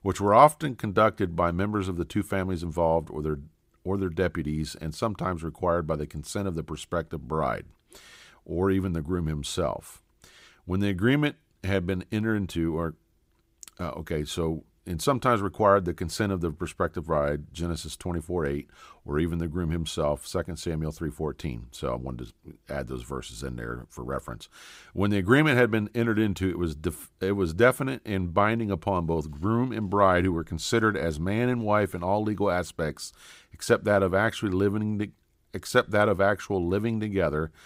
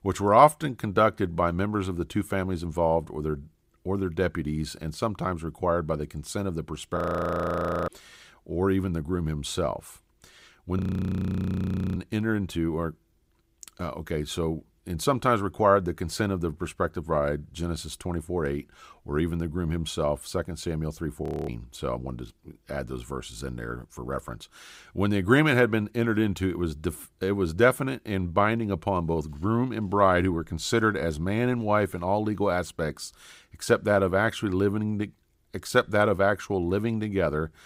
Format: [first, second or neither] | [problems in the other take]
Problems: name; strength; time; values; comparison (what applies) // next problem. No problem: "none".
first | audio freezing; at 7 s for 1 s, at 11 s for 1 s and at 21 s